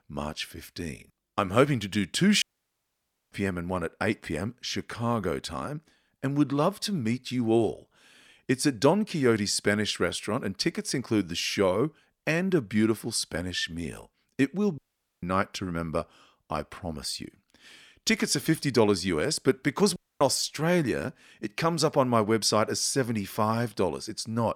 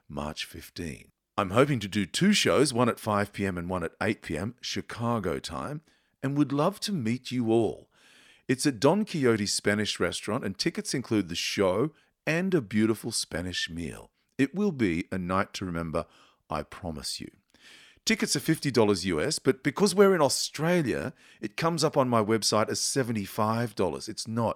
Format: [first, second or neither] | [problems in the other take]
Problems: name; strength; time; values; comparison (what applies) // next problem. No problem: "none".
second | audio cutting out; at 2.5 s for 1 s, at 15 s and at 20 s